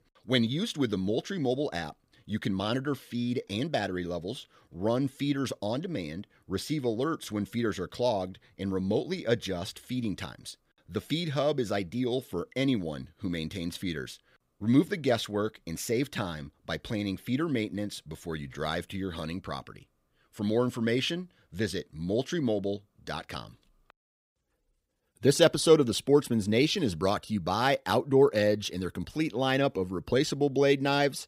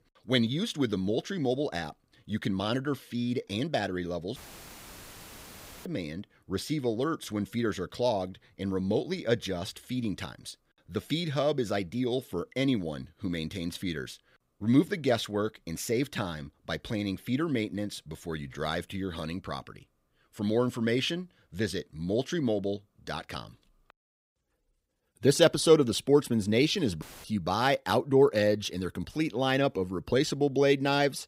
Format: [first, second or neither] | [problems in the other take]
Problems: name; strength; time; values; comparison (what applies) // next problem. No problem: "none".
first | audio cutting out; filled with static; at 4.5 s for 1.5 s and at 27 s